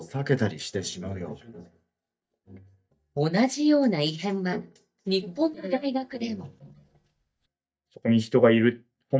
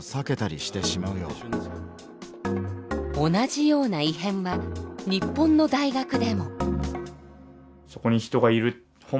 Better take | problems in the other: second | noise reduction (neural mask model DeepFilterNet 3)

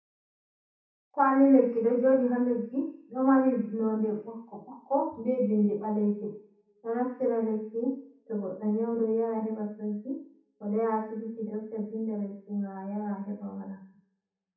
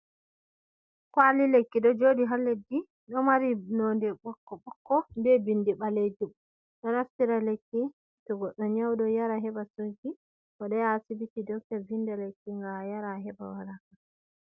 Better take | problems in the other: second | room echo; dies away in 0.7 s

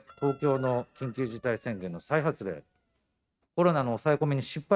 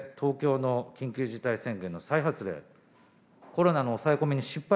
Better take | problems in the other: second | noise reduction (neural mask model RNNoise)

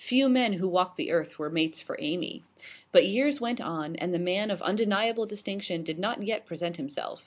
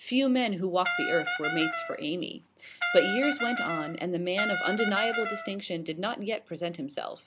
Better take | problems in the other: first | background sound (Brass instrument); 2 dB below the speech

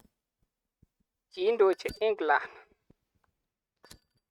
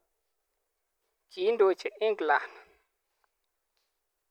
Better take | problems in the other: second | noise reduction (neural mask model RNNoise)

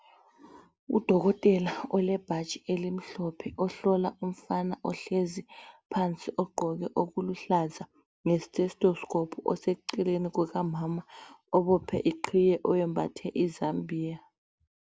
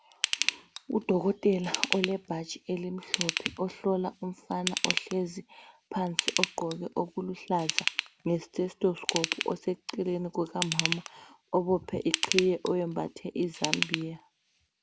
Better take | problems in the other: first | background sound (Ratchet, pawl / Tools); 4 dB below the speech

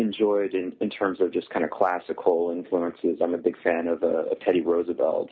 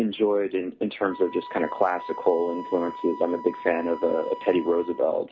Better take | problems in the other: first | background sound (Wind instrument, woodwind instrument); 15 dB below the speech

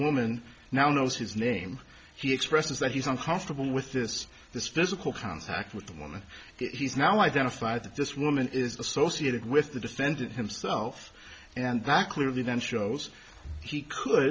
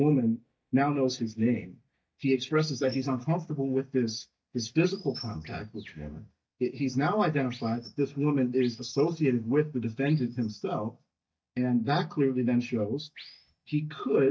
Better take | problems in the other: first | noise reduction (neural mask model DeepFilterNet 3)

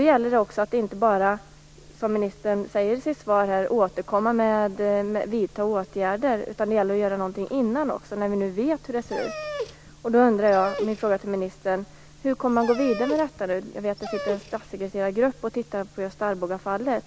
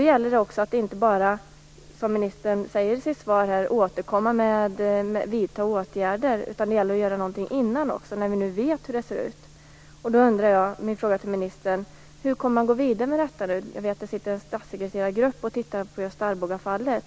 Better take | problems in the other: second | background sound (Dog); 11 dB below the speech

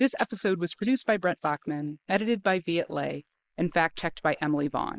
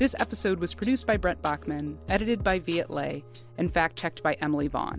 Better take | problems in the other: second | noise reduction (neural mask model Resemble Enhance denoiser)

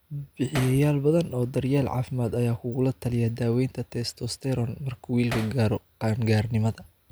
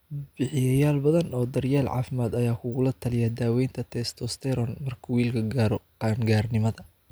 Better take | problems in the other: second | background sound (Hammer); 10 dB below the speech

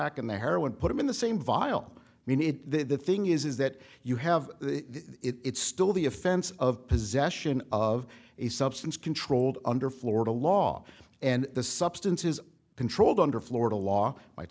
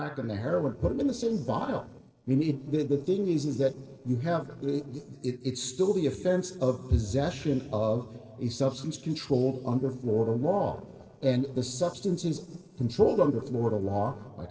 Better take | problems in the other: first | noise reduction (neural separator model SepFormer DNS4)

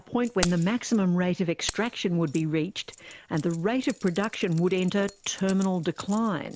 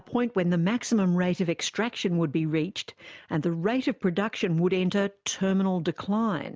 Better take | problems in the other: second | background sound (Keys jangling); 16 dB below the speech

